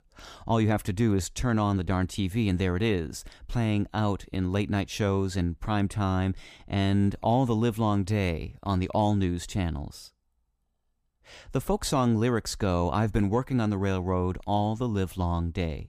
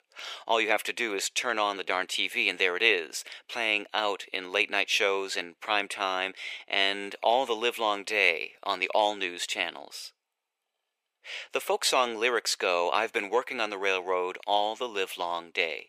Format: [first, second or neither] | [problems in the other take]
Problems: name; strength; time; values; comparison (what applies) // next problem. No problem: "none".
first | thin; very; fading below 450 Hz